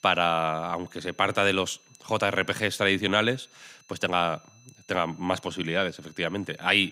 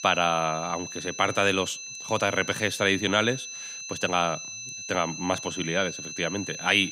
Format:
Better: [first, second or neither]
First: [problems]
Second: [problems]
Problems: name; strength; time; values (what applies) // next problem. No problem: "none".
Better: first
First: high-pitched whine; faint; throughout; 6 kHz, 30 dB below the speech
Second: high-pitched whine; loud; throughout; 6 kHz, 9 dB below the speech